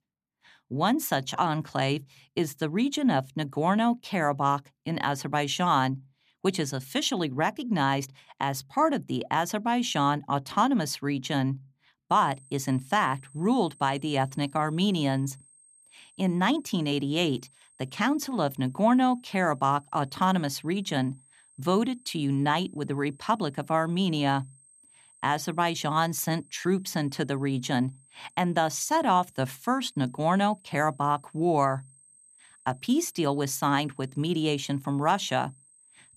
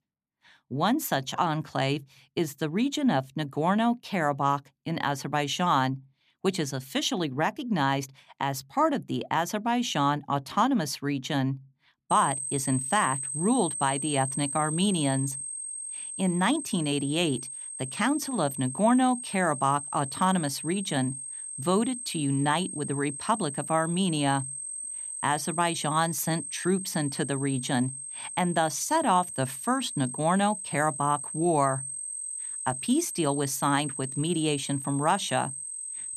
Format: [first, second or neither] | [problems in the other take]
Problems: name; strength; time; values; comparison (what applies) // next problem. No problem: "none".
first | high-pitched whine; loud; from 12 s on; 8.5 kHz, 6 dB below the speech; faint in the first